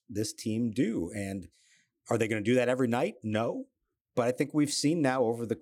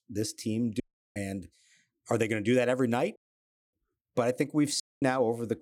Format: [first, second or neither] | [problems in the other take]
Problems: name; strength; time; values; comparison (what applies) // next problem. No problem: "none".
first | audio cutting out; at 1 s, at 3 s for 0.5 s and at 5 s